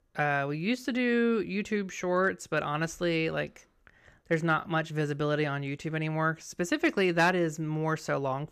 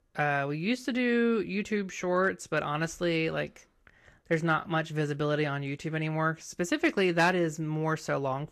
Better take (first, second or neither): first